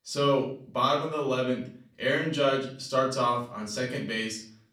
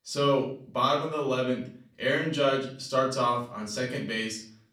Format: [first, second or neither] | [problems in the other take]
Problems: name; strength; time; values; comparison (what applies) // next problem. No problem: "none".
neither | off-mic speech; far; the same in both // room echo; slight; dies away in 0.4 s; the same in both